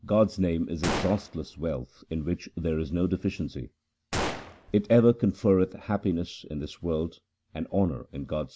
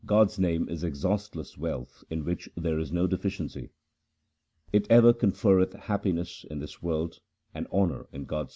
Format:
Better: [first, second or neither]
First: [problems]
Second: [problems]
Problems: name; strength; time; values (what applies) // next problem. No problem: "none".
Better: second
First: background sound (Gunshot, gunfire); 10 dB below the speech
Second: none